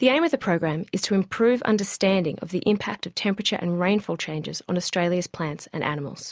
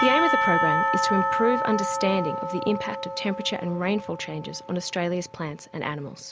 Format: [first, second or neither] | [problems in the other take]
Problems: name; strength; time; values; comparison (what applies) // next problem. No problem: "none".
first | background sound (Church bell / Percussion); as loud as the speech